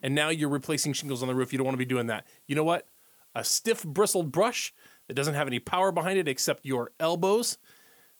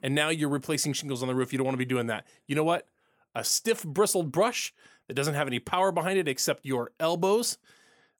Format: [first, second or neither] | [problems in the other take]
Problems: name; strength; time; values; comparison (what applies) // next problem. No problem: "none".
second | hiss; faint; throughout; 30 dB below the speech